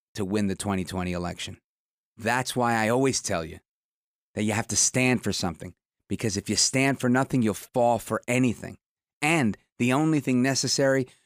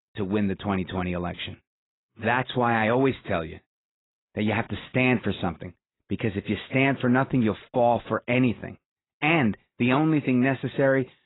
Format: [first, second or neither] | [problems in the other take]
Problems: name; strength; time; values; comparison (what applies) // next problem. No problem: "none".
first | garbled, watery; badly; nothing above 4 kHz